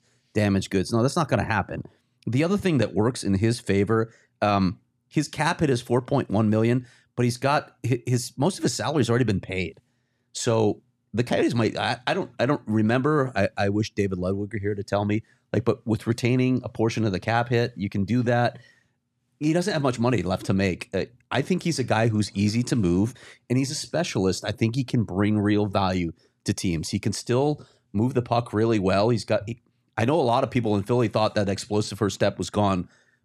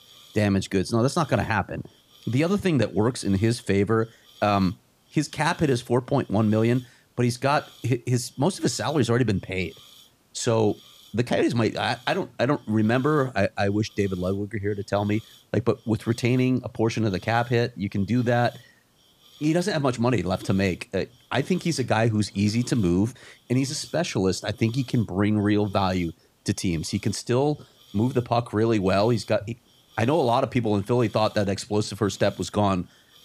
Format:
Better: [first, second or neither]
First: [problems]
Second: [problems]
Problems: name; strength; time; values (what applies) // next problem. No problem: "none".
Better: first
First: none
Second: hiss; faint; throughout; 25 dB below the speech